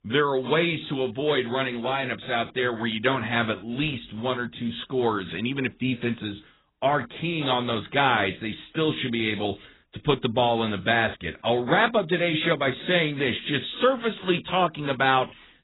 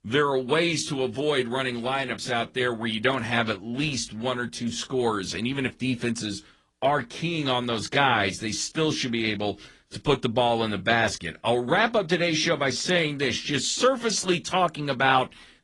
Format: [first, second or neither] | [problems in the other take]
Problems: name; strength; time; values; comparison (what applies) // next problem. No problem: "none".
second | garbled, watery; badly; nothing above 4 kHz; slightly in the second